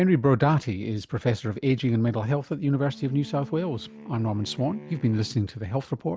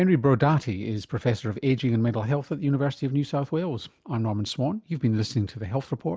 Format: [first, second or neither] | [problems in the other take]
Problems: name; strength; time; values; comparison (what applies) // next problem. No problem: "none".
second | background sound (Wind instrument, woodwind instrument); 20 dB below the speech